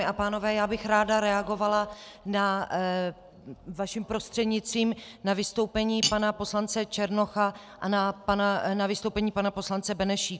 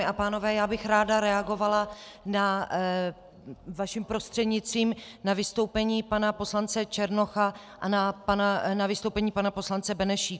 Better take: second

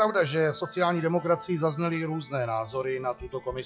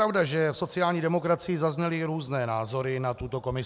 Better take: second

